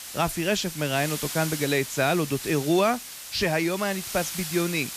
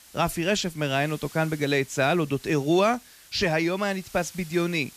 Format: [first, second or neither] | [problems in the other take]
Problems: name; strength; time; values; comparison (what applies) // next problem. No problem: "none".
second | hiss; loud; throughout; 8 dB below the speech; faint in the second